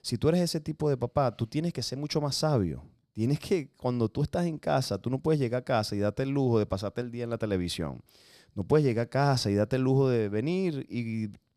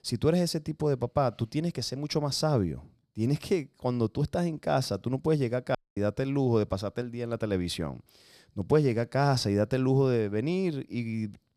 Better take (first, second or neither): first